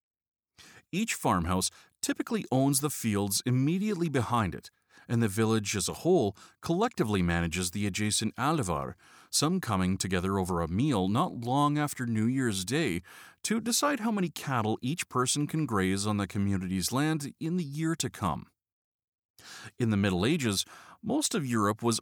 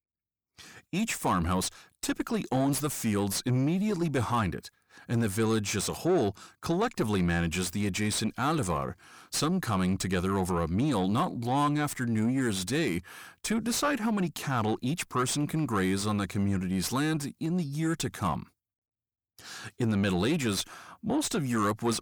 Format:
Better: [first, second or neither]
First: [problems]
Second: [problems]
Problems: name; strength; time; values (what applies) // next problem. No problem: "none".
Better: first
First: none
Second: distortion; slight; 10 dB below the speech